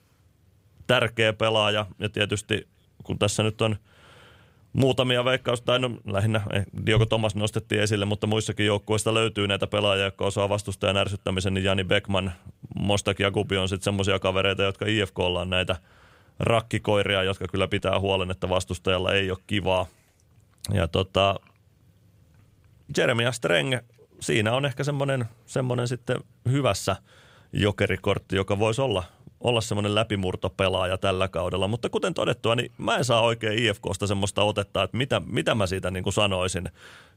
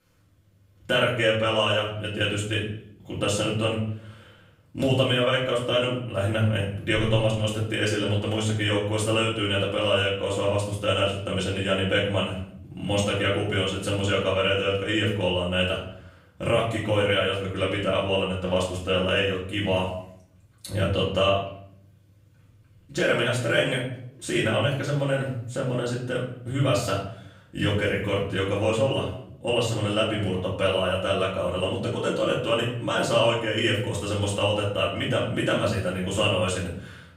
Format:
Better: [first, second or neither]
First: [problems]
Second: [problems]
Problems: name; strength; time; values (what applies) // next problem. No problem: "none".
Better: first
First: none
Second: off-mic speech; far // room echo; noticeable; dies away in 0.6 s